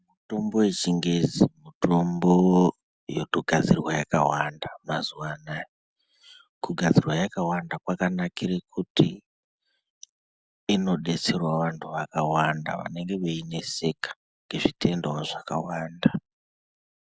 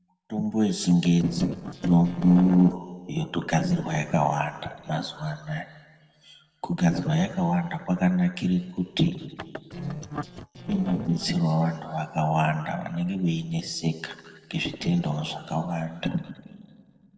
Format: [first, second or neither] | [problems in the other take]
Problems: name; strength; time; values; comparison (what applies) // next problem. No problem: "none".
first | noise reduction (neural separator model SepFormer DNS4)